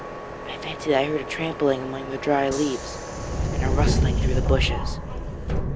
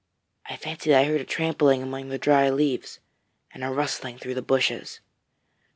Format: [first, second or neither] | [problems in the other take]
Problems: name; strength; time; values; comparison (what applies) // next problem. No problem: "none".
second | background sound (Subway, metro, underground); 2 dB above the speech